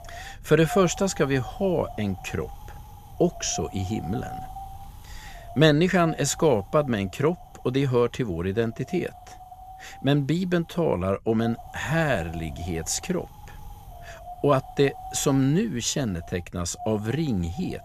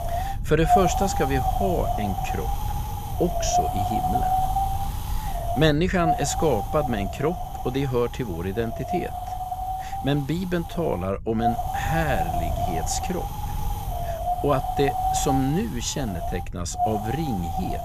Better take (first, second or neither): first